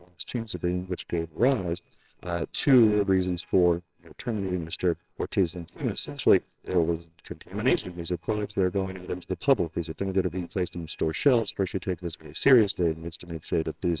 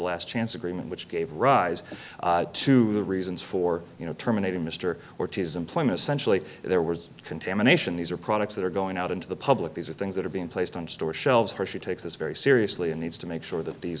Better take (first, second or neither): second